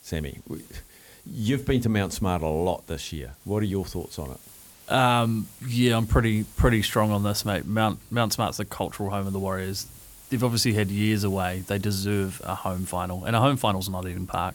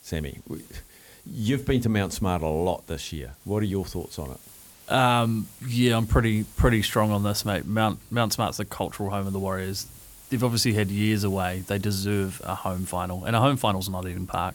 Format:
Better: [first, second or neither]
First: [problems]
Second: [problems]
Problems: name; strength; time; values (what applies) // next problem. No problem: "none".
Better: neither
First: hiss; faint; throughout; 20 dB below the speech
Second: hiss; faint; throughout; 20 dB below the speech